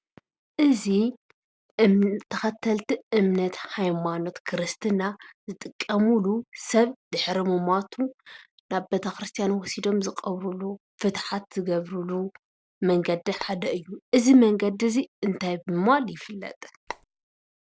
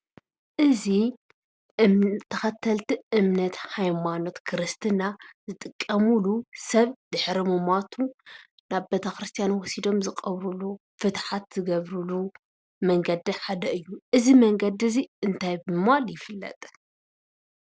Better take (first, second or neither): second